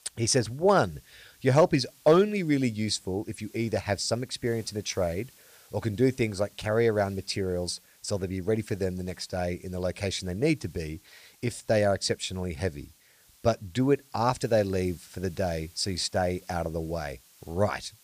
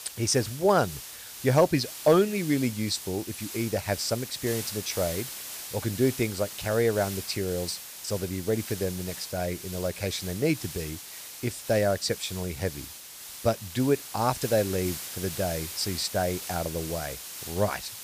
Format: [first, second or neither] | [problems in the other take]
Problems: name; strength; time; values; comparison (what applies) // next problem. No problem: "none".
first | hiss; loud; throughout; 9 dB below the speech; faint in the first